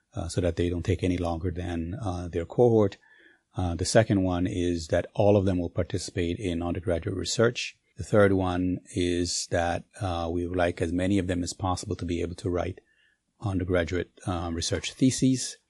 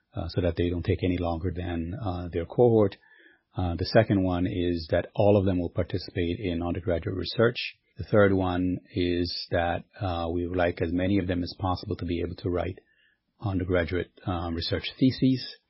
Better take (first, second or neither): first